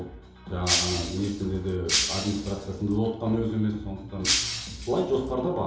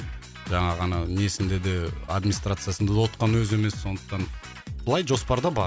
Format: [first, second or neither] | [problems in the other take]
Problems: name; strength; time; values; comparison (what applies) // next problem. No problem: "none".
second | background sound (Shatter); 1 dB below the speech // room echo; dies away in 2.8 s